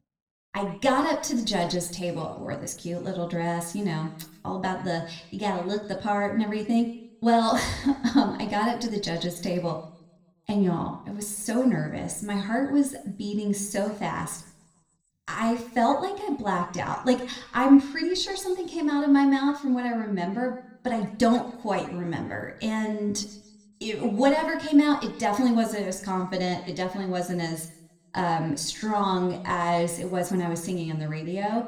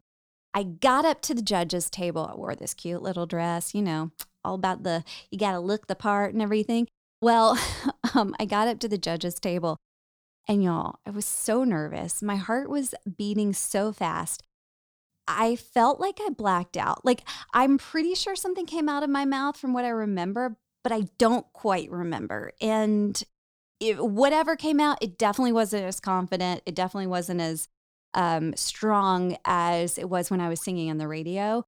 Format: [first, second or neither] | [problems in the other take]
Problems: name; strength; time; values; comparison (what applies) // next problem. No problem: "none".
second | room echo; very slight; dies away in 0.7 s